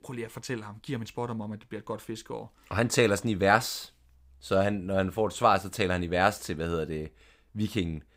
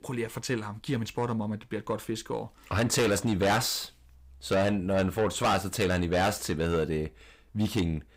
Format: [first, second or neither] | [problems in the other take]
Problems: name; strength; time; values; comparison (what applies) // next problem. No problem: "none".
first | distortion; heavy; 6 dB below the speech